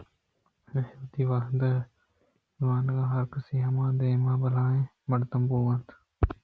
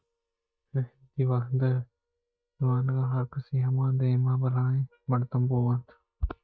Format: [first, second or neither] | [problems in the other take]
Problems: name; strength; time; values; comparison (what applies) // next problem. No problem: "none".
first | noise reduction (neural mask model DeepFilterNet 3)